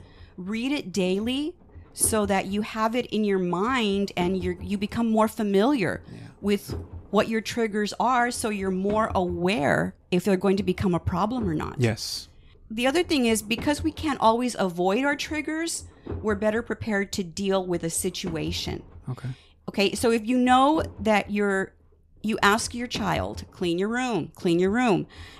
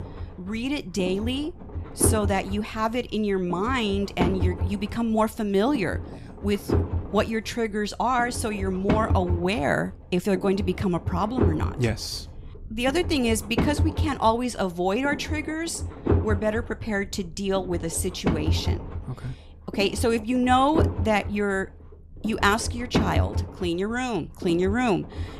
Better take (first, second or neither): first